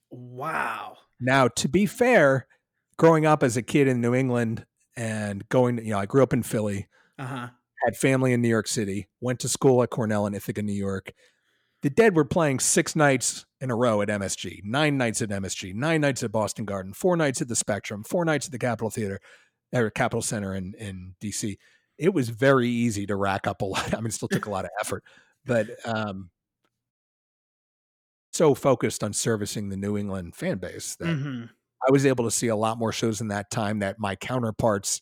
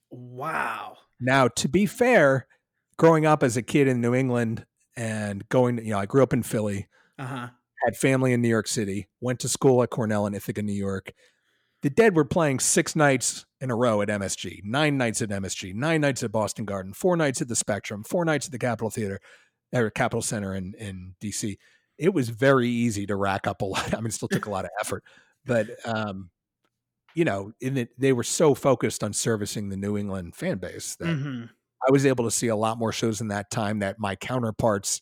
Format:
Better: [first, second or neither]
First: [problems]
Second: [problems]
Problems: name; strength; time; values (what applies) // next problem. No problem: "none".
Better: second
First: audio cutting out; at 27 s for 1.5 s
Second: none